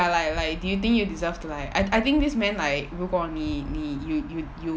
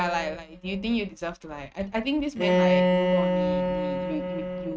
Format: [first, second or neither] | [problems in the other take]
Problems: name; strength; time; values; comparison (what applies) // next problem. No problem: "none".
first | noise reduction (neural mask model RNNoise)